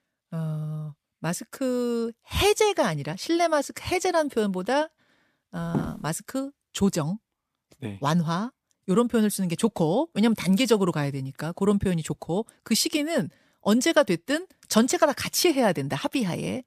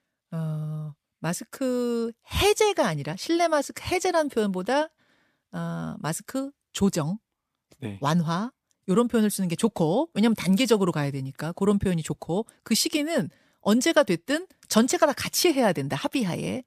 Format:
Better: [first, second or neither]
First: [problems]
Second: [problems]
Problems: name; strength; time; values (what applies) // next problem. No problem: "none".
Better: second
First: footsteps; noticeable; at 5.5 s; peak 6 dB below the speech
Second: none